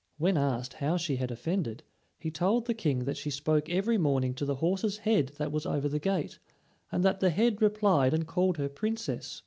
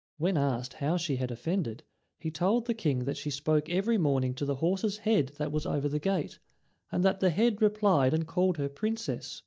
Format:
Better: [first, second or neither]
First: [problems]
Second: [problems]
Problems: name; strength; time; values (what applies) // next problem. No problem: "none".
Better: first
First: none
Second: noise reduction (neural mask model DeepFilterNet 3)